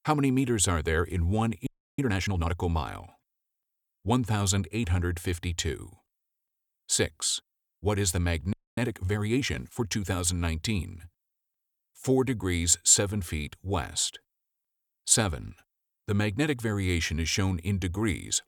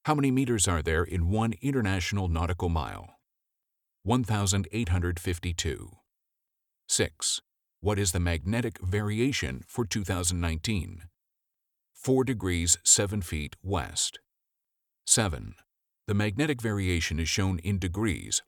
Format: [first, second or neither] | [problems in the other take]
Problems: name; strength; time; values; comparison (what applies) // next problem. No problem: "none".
second | audio freezing; at 1.5 s and at 8.5 s